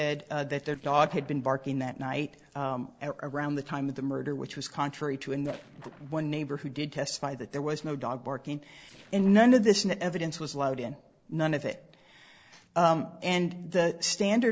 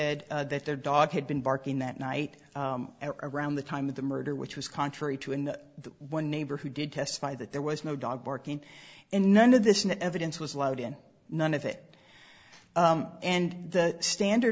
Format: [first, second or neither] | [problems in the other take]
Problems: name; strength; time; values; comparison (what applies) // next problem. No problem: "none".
second | noise reduction (neural separator model SepFormer DNS4)